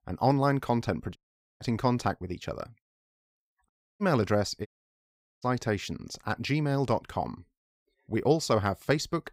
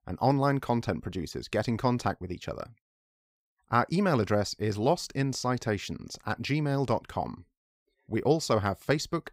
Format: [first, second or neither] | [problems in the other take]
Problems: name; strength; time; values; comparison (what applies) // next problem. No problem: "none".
second | audio cutting out; at 1 s, at 3.5 s and at 4.5 s for 1 s